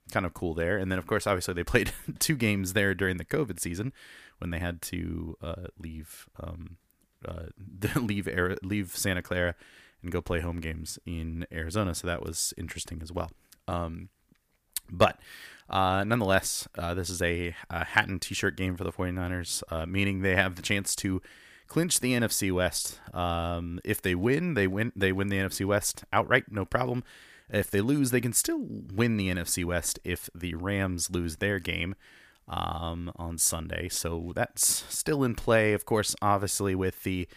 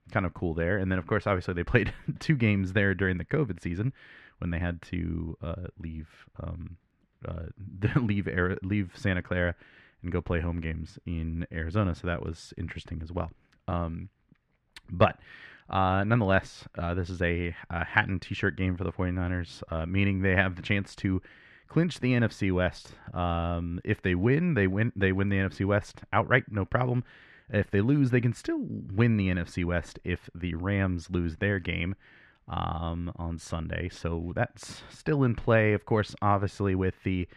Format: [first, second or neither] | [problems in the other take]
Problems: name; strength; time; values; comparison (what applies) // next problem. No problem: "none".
first | muffled; very; fading above 2.5 kHz